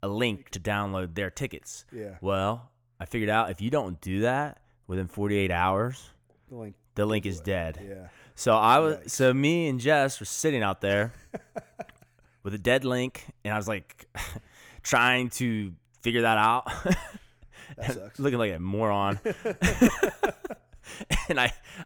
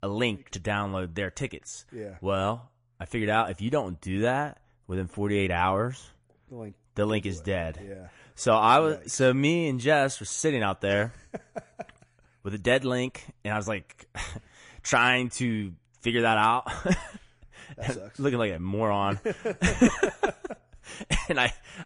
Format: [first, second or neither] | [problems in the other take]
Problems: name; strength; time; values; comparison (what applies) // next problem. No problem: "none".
first | garbled, watery; slightly; nothing above 10.5 kHz